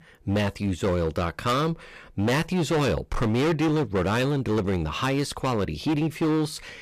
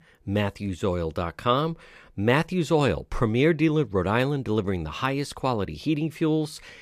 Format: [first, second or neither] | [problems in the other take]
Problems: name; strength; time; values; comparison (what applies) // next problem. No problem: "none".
second | distortion; heavy; 18% of the sound clipped